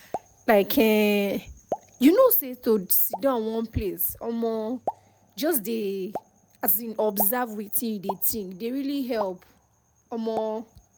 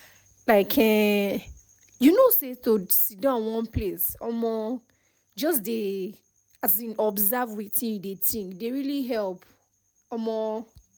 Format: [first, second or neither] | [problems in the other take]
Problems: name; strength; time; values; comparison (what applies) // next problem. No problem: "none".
second | background sound (Explosion); 15 dB below the speech